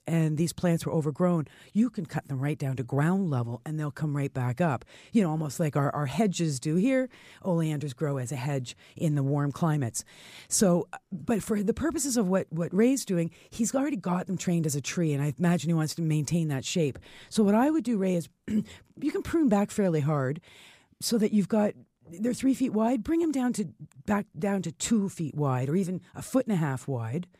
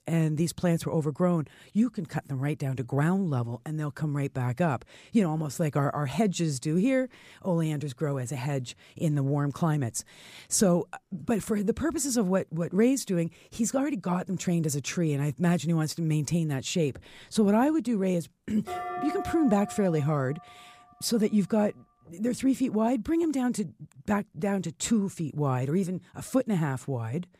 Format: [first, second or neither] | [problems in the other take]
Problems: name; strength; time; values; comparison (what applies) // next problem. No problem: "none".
first | clattering dishes; noticeable; from 19 to 21 s; peak 6 dB below the speech